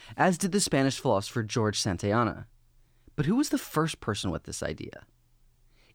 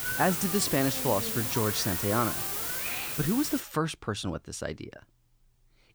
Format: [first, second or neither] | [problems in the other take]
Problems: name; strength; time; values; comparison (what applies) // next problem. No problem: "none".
first | hiss; loud; until 3.5 s; as loud as the speech